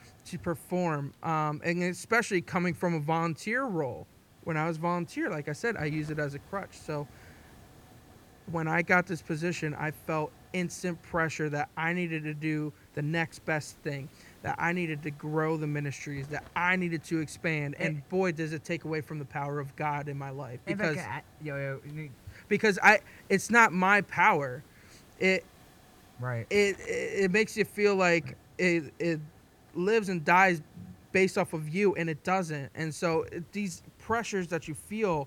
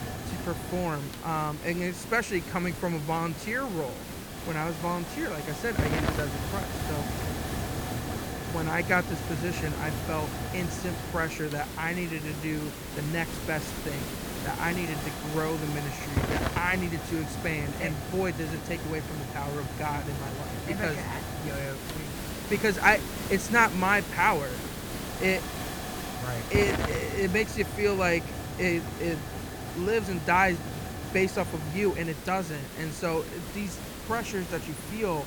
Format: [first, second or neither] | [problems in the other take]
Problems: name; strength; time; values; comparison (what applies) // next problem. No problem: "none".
first | hiss; loud; throughout; 5 dB below the speech; faint in the first